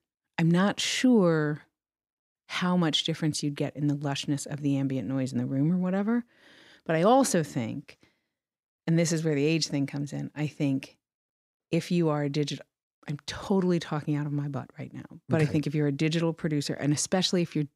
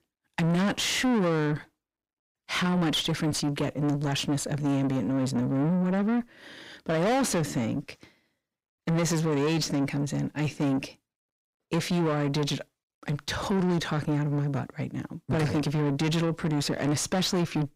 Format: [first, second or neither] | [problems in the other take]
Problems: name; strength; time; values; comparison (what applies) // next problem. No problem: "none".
first | distortion; heavy; 7 dB below the speech